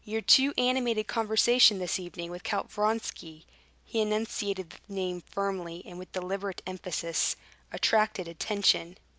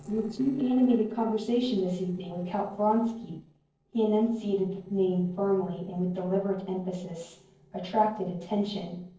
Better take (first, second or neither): first